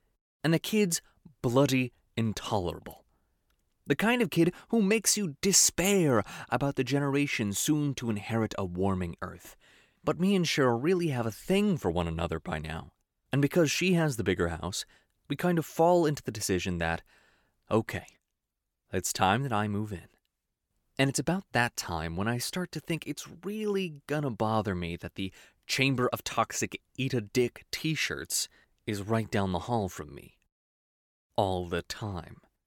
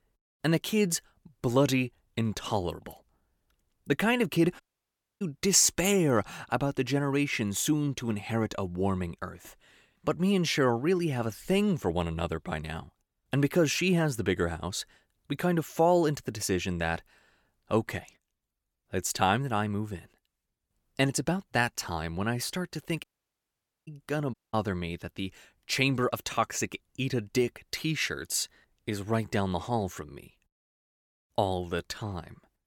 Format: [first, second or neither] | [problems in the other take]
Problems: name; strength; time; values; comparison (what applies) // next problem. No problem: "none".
first | audio cutting out; at 4.5 s for 0.5 s, at 23 s for 1 s and at 24 s